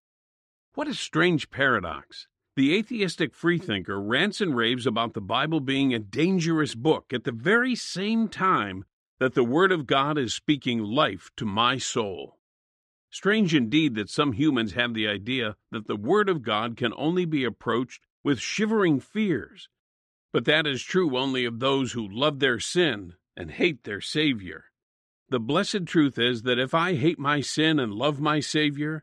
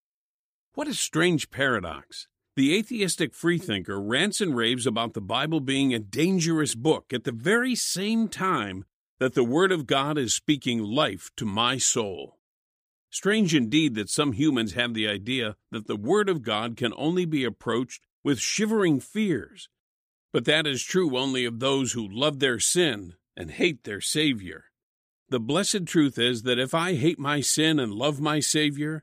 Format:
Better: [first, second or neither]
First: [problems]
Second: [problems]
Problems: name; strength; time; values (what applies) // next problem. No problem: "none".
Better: second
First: muffled; slightly; fading above 4 kHz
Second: none